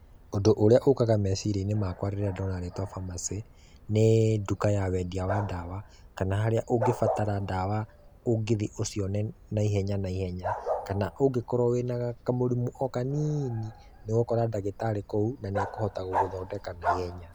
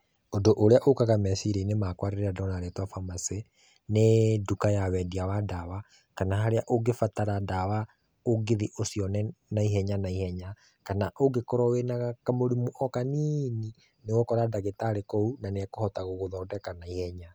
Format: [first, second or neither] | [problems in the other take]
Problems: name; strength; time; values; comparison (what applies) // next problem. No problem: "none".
second | background sound (Bark); 11 dB below the speech